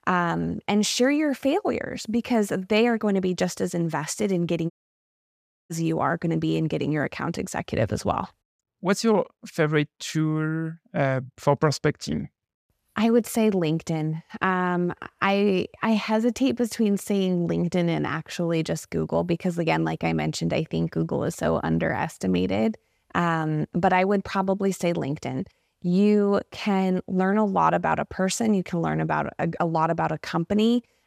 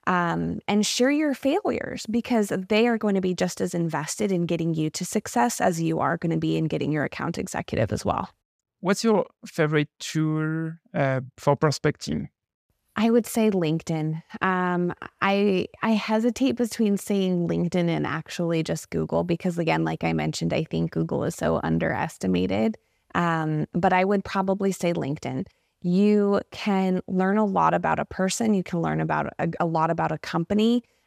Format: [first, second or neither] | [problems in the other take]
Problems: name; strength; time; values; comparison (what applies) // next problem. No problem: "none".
second | audio cutting out; at 4.5 s for 1 s